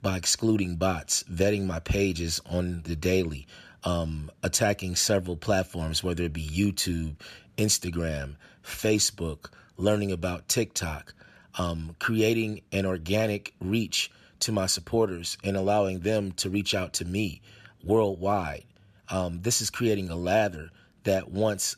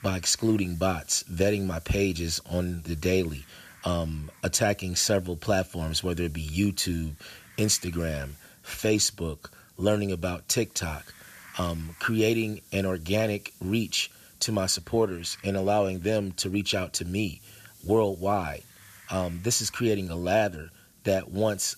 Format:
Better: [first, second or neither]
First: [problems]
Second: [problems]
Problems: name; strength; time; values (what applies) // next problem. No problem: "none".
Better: first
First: none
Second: hiss; faint; throughout; 25 dB below the speech